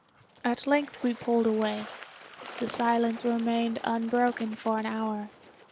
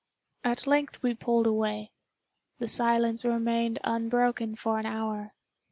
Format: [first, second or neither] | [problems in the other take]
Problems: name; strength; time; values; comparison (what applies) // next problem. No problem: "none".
second | background sound (Water / Bird); 17 dB below the speech